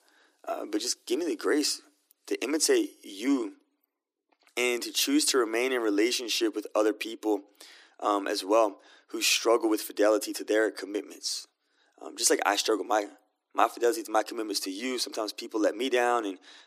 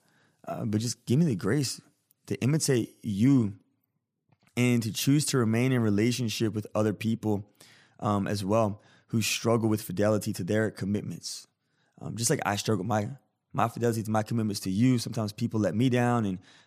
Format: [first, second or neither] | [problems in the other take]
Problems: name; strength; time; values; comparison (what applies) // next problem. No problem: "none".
second | thin; somewhat; fading below 300 Hz